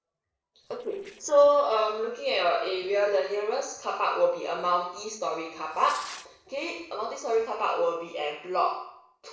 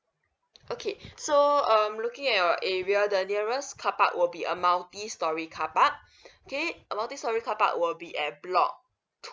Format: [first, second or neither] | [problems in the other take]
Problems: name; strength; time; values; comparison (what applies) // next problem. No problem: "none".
second | noise reduction (neural separator model SepFormer DNS4)